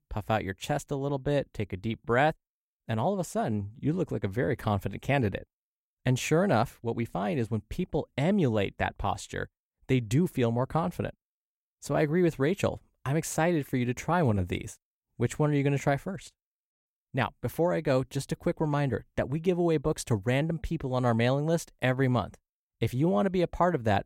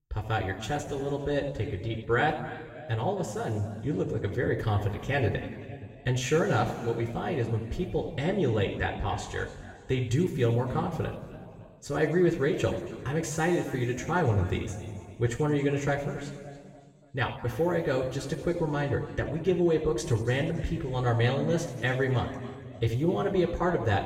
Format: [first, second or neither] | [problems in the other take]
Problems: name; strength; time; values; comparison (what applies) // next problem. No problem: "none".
first | room echo; noticeable; dies away in 2.1 s // off-mic speech; somewhat distant